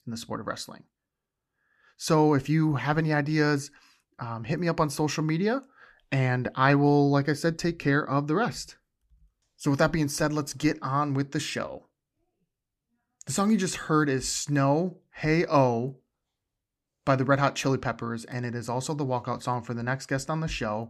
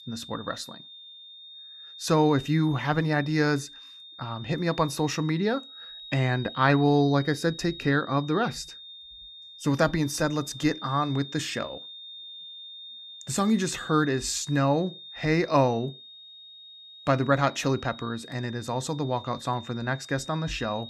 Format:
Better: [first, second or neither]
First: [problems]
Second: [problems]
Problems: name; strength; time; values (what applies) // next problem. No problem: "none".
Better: first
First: none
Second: high-pitched whine; noticeable; throughout; 3.5 kHz, 15 dB below the speech